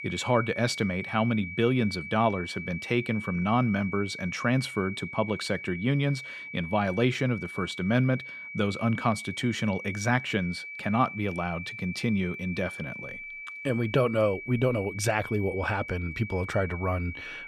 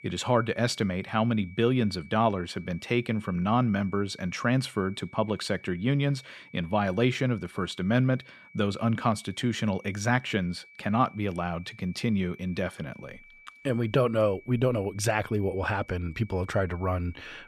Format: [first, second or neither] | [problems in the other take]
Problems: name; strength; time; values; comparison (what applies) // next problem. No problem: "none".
second | high-pitched whine; loud; throughout; 2.5 kHz, 9 dB below the speech; faint in the second